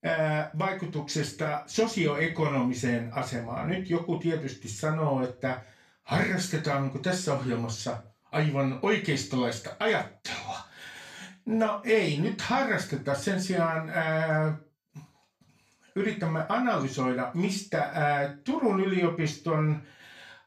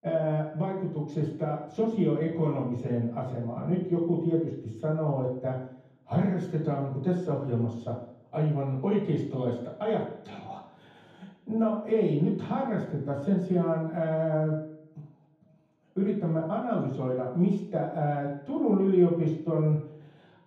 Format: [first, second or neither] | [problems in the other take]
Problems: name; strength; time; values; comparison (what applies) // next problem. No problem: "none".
first | room echo; strong; dies away in 0.9 s; slight in the first // off-mic speech; far; far in the first